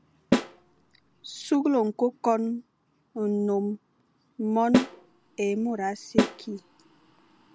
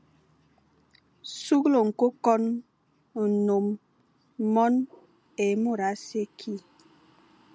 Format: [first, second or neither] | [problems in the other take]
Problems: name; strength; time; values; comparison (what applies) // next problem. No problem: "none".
second | background sound (Snare drum); 2 dB below the speech